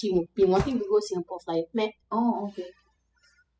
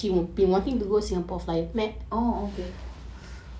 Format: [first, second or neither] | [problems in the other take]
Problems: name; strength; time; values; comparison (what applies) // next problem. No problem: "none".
second | noise reduction (classical method spectral subtraction)